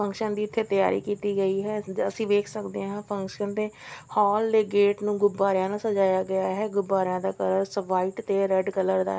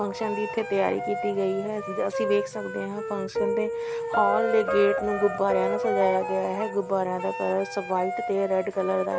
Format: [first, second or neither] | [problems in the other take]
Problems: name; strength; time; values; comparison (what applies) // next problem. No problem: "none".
first | background sound (Wind instrument, woodwind instrument + Piano); 4 dB below the speech